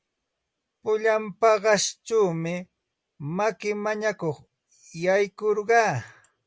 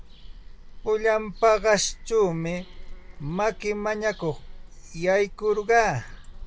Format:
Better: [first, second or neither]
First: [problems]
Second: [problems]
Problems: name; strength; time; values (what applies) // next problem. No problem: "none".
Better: first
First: none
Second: background sound (Bird vocalization, bird call, bird song); 14 dB below the speech